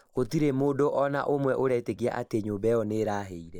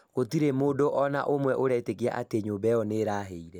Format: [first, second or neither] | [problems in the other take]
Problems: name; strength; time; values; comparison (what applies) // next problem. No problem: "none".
second | noise reduction (neural mask model Resemble Enhance denoiser)